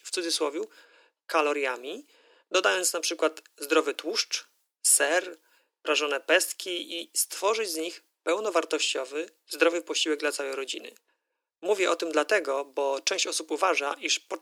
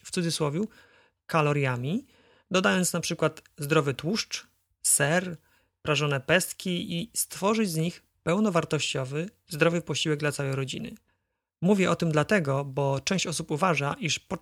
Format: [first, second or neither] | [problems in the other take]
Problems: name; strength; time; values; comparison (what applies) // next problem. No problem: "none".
second | thin; very; fading below 300 Hz